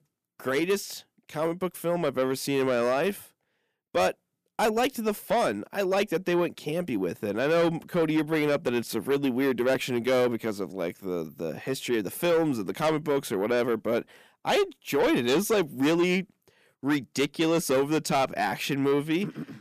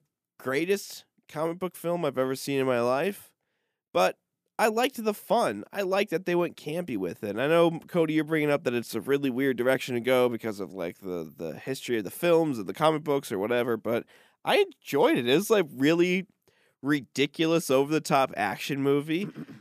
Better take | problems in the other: second | distortion; slight; 10 dB below the speech

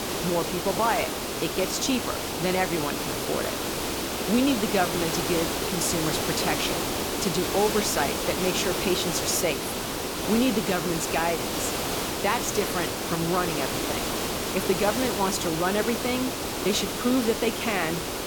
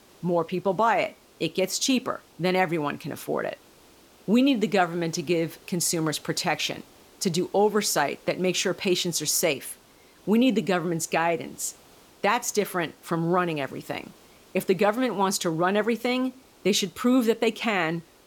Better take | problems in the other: second | hiss; loud; throughout; as loud as the speech; faint in the second

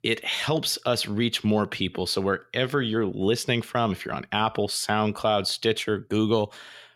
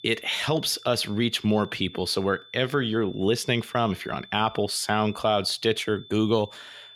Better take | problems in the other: first | high-pitched whine; faint; throughout; 3.5 kHz, 20 dB below the speech

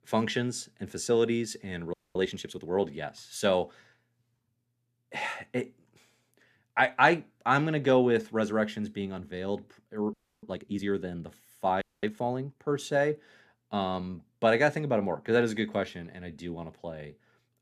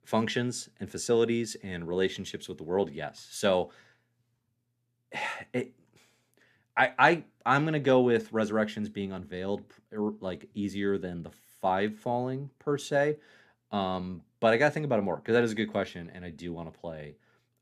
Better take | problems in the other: second | audio freezing; at 2 s, at 10 s and at 12 s

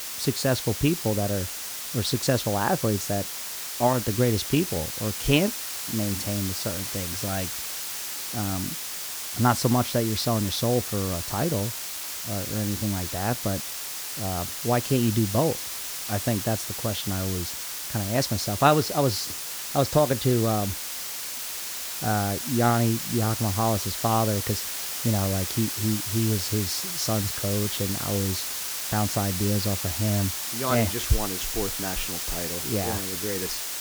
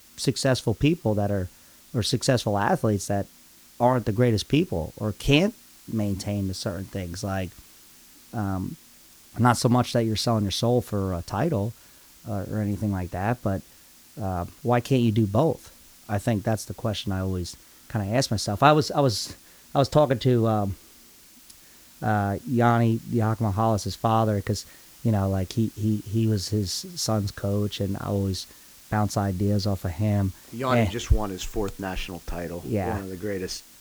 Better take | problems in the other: second | hiss; loud; throughout; 2 dB below the speech; faint in the second

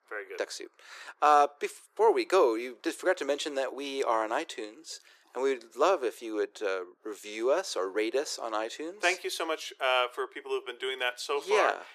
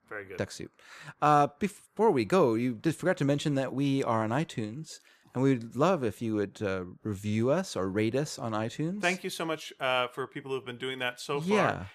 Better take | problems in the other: second | thin; very; fading below 350 Hz

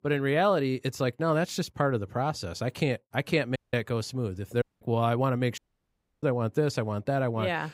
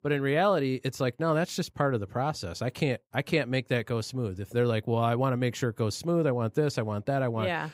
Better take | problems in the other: second | audio cutting out; at 3.5 s, at 4.5 s and at 5.5 s for 0.5 s

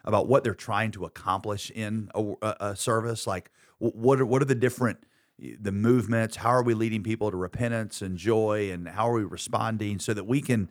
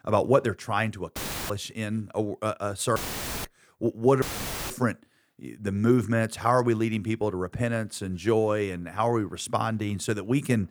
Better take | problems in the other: first | audio cutting out; filled with static; at 1 s, at 3 s and at 4 s

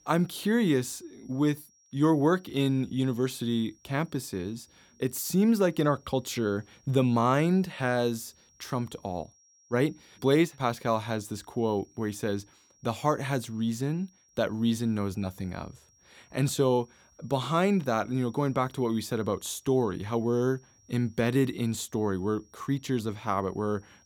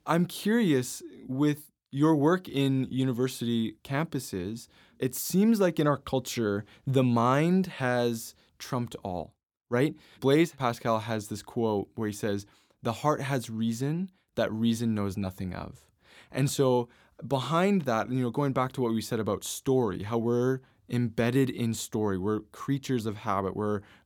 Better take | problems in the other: second | high-pitched whine; faint; throughout; 5.5 kHz, 30 dB below the speech

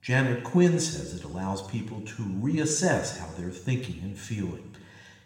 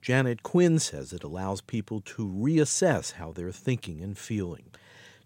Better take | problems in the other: second | room echo; noticeable; dies away in 0.9 s // off-mic speech; somewhat distant

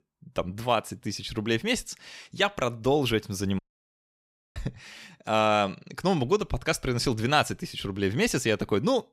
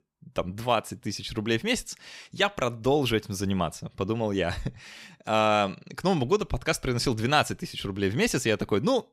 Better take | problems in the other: second | audio cutting out; at 3.5 s for 1 s

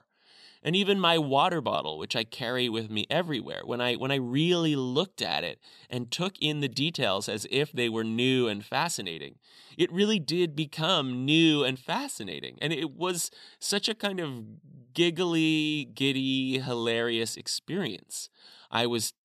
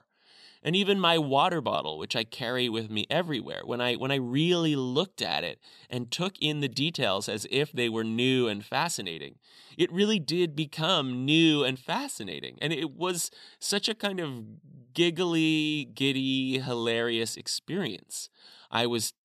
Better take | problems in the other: neither | none

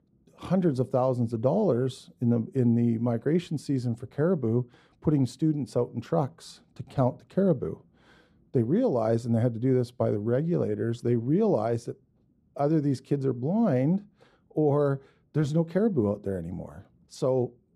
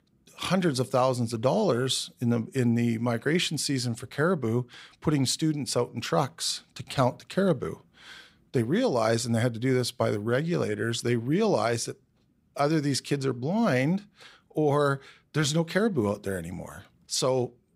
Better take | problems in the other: second | muffled; very; fading above 1 kHz

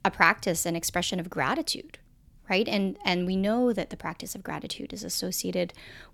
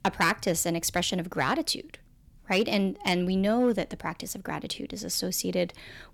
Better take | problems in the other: first | distortion; slight; 1.4% of the sound clipped

